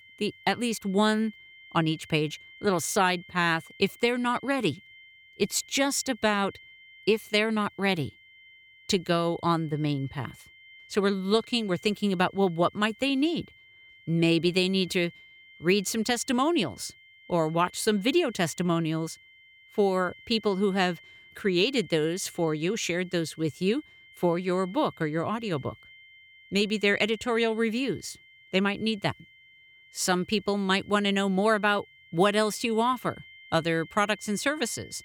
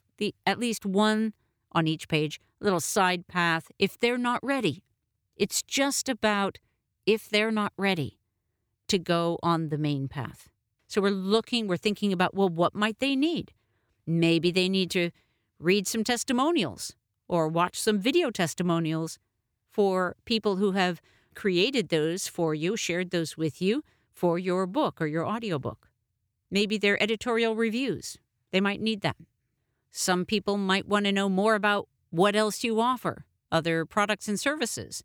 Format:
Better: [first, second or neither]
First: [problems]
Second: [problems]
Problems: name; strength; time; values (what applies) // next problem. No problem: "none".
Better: second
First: high-pitched whine; faint; throughout; 2 kHz, 25 dB below the speech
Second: none